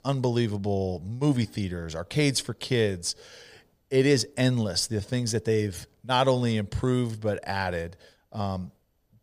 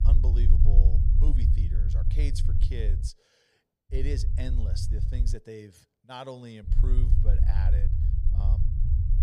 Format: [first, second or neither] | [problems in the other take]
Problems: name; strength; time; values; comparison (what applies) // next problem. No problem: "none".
first | low rumble; loud; until 3 s, from 4 to 5.5 s and from 6.5 s on; 1 dB below the speech